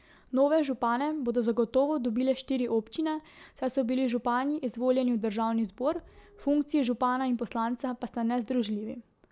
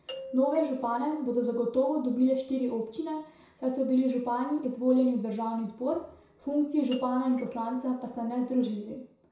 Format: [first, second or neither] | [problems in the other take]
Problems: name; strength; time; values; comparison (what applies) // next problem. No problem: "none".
first | background sound (Doorbell); 16 dB below the speech // room echo; dies away in 0.6 s